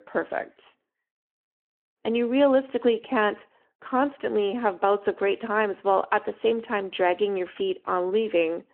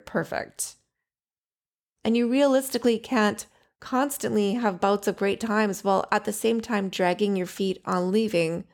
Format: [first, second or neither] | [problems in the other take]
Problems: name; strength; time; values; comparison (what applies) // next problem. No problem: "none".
second | phone-call audio